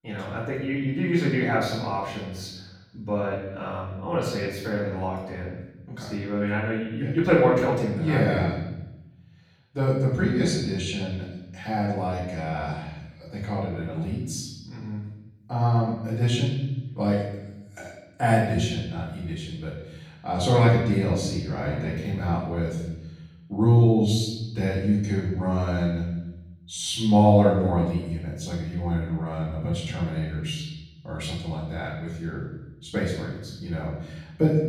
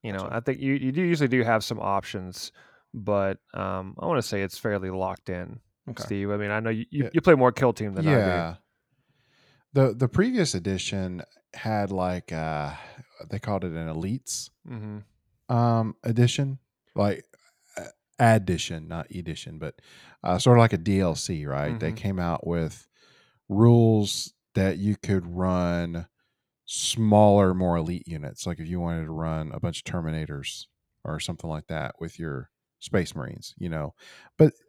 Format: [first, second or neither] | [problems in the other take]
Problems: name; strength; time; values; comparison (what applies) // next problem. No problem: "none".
second | room echo; noticeable; dies away in 1.1 s // off-mic speech; far